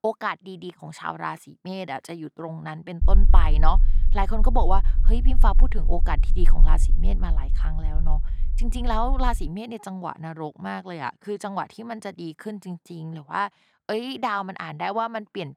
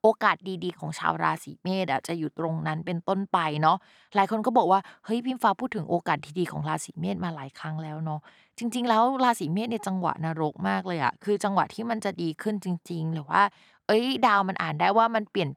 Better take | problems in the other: second | low rumble; noticeable; from 3 to 9.5 s; 20 dB below the speech

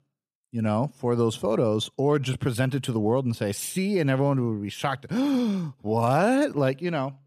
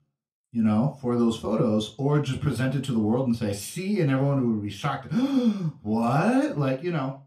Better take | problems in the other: first | room echo; very slight; dies away in 0.3 s // off-mic speech; somewhat distant

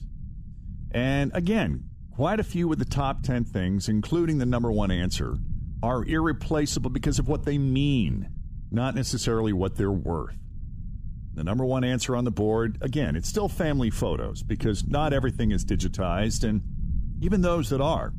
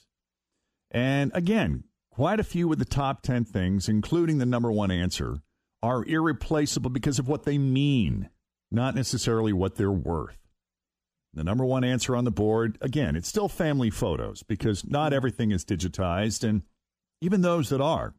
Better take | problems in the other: second | low rumble; faint; throughout; 20 dB below the speech

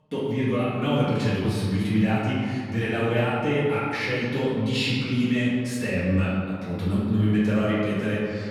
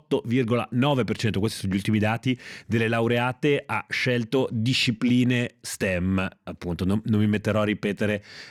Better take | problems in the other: second | off-mic speech; far // room echo; strong; dies away in 1.9 s

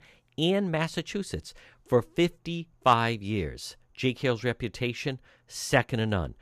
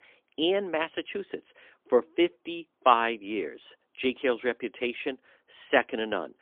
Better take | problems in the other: first | phone-call audio; poor line; nothing above 3.5 kHz

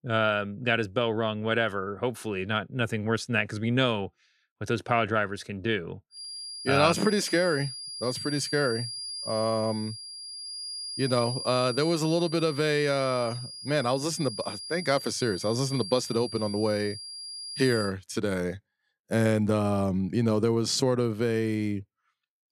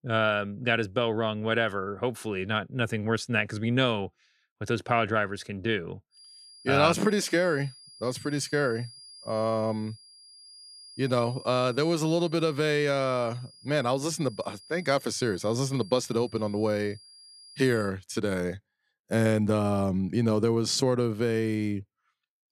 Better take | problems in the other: second | high-pitched whine; loud; from 6 to 18 s; 5 kHz, 8 dB below the speech; faint in the second

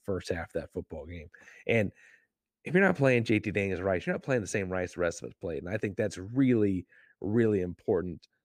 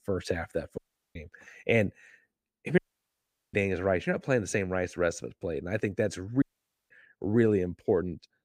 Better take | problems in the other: first | audio cutting out; at 1 s, at 3 s for 1 s and at 6.5 s

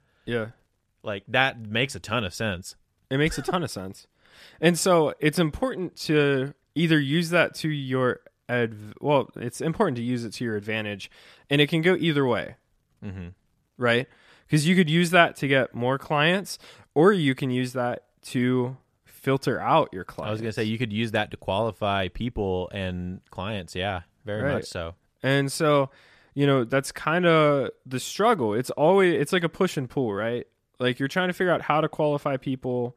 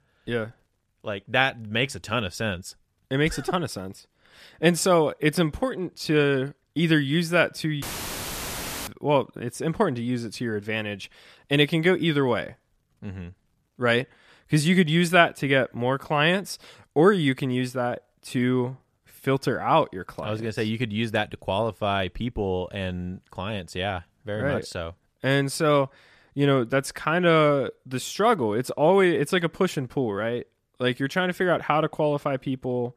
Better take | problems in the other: first | audio cutting out; filled with static; at 8 s for 1 s

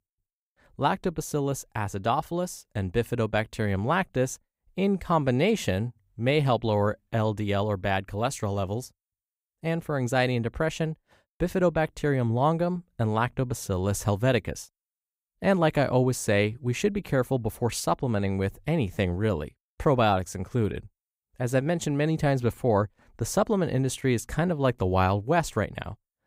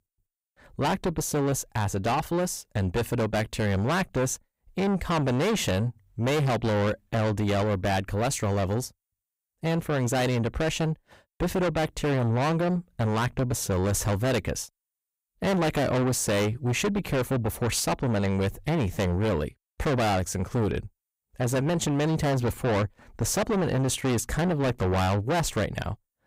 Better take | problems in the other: first | distortion; heavy; 6 dB below the speech

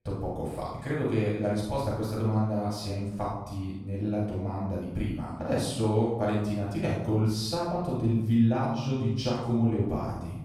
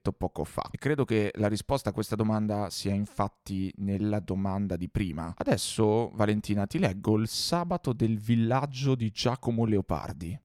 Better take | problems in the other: second | off-mic speech; far // room echo; noticeable; dies away in 0.8 s

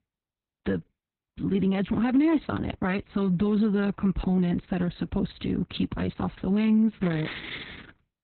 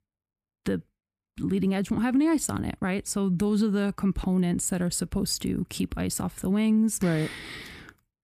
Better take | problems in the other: second | garbled, watery; badly; nothing above 4 kHz

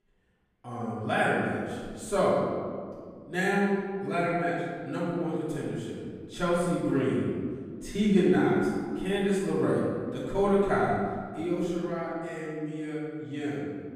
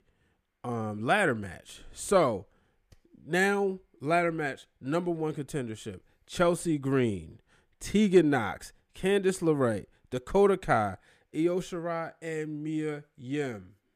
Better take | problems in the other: second | room echo; strong; dies away in 1.8 s // off-mic speech; far

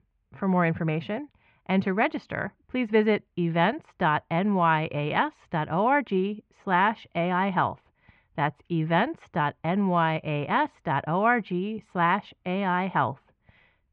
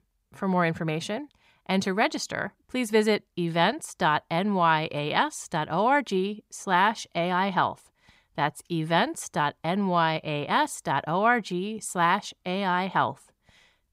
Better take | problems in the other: second | muffled; very; fading above 2.5 kHz

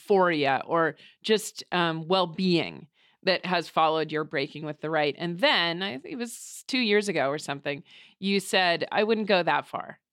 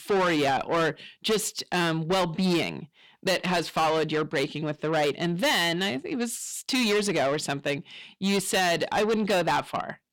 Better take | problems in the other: first | distortion; heavy; 7 dB below the speech

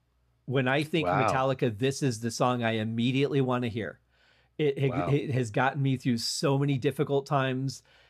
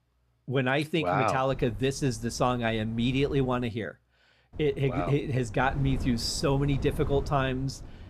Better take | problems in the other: first | wind noise on the microphone; occasional gusts; from 1.5 to 3.5 s and from 4.5 s on; 20 dB below the speech

